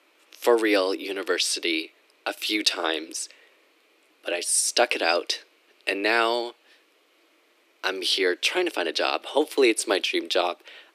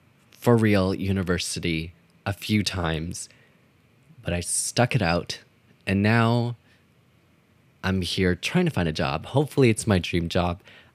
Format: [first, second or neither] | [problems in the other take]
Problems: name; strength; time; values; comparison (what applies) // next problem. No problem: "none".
second | thin; very; fading below 300 Hz